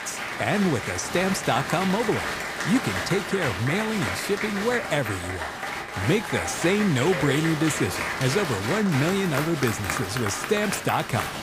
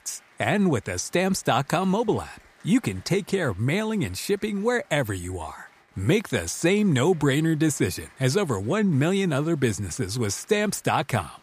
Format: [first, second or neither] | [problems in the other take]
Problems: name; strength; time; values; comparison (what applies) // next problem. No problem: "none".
second | crowd noise; loud; throughout; 4 dB below the speech; faint in the second